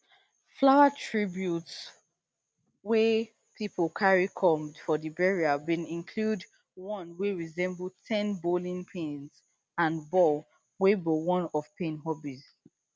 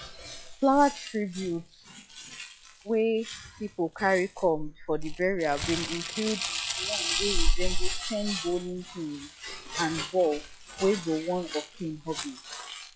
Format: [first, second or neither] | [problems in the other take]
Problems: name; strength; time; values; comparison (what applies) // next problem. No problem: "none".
first | noise reduction (classical method log-MMSE)